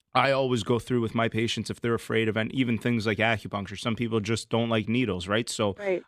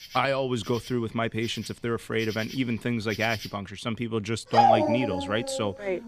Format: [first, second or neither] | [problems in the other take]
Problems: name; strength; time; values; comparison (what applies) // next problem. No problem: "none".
first | animal sounds; very loud; throughout; 2 dB above the speech